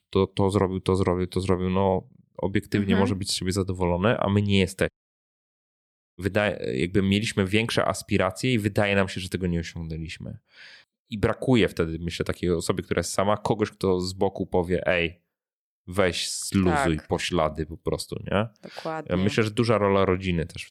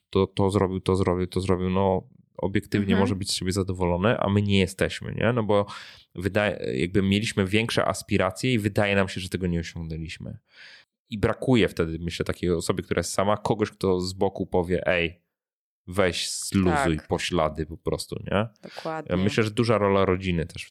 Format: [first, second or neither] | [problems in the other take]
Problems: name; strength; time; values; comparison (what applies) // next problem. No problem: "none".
second | audio cutting out; at 5 s for 1.5 s